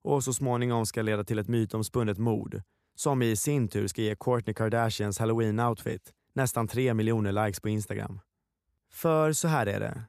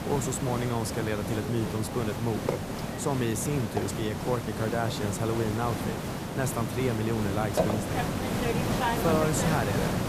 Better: first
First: none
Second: hiss; loud; throughout; as loud as the speech

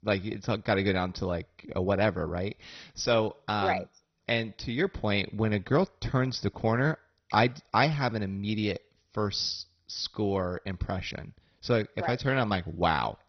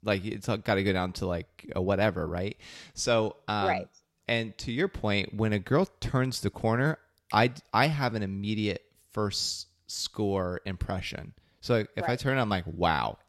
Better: second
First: garbled, watery; badly; nothing above 6 kHz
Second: none

